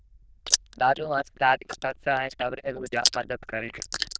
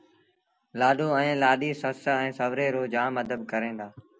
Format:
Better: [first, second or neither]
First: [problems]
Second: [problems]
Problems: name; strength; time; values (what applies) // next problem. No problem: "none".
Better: second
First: noise reduction (neural diffusion model UNIVERSE++)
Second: none